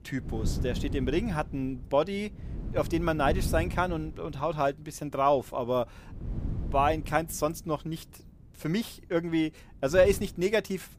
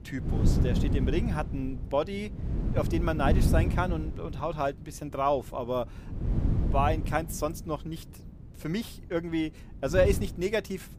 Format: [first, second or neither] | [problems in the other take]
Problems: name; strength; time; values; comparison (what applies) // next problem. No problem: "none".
first | wind noise on the microphone; heavy; 10 dB below the speech; occasional gusts in the first